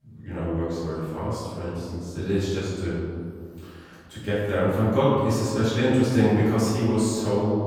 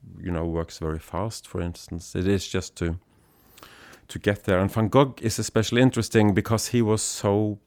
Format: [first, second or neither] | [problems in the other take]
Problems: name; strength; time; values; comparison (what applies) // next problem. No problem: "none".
second | off-mic speech; far // room echo; strong; dies away in 2 s